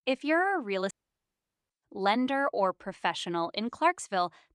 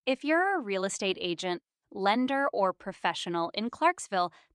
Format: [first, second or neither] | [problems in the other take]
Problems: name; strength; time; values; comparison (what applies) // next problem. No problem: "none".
second | audio cutting out; at 1 s for 1 s